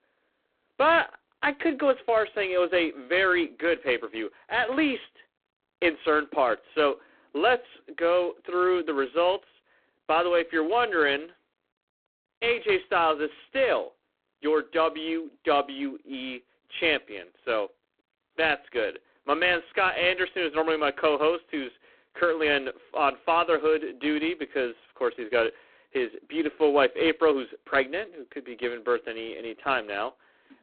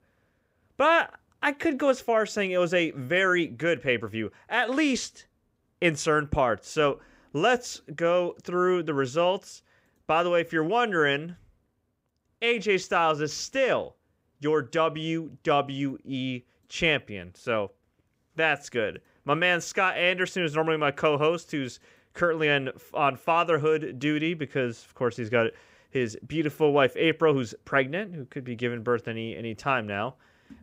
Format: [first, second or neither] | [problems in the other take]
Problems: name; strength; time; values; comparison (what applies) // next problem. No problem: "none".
second | phone-call audio; poor line